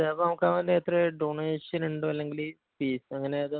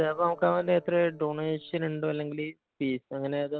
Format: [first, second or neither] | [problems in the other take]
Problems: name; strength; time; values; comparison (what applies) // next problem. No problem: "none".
first | noise reduction (neural separator model SepFormer DNS4)